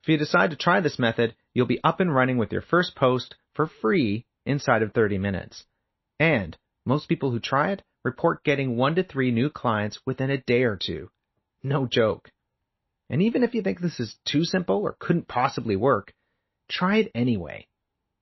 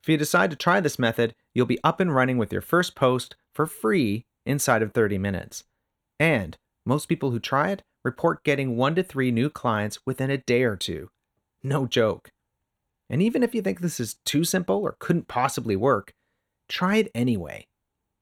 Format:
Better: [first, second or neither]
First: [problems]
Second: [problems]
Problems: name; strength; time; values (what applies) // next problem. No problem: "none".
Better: second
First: garbled, watery; slightly; nothing above 5.5 kHz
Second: none